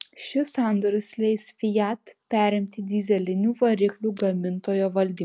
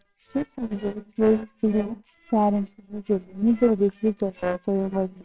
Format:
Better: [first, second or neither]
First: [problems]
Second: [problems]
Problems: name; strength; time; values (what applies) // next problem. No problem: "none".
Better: first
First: none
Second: noise reduction (neural separator model SepFormer WHAMR!)